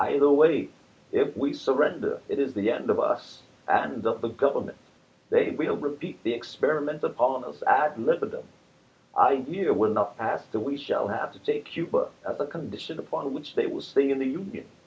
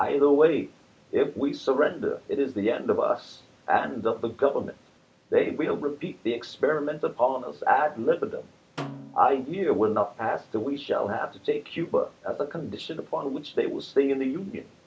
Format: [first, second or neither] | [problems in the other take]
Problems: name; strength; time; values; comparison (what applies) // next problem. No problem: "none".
first | background sound (Snare drum); 17 dB below the speech